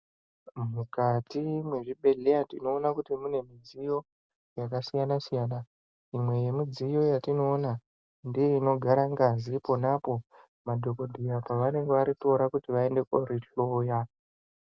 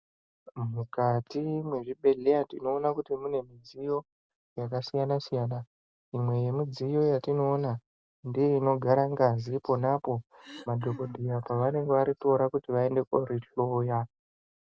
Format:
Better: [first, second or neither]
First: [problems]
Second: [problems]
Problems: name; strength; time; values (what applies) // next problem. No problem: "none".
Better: first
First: none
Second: background sound (Cough); 19 dB below the speech